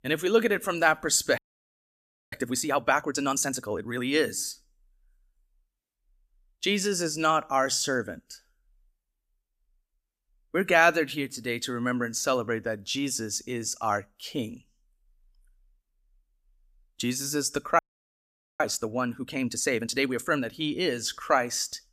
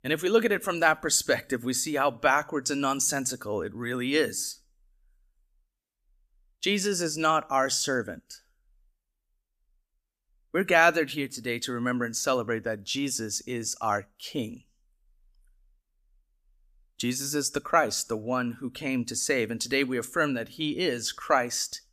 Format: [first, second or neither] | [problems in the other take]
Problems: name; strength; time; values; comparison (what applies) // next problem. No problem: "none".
second | audio freezing; at 1.5 s for 1 s and at 18 s for 1 s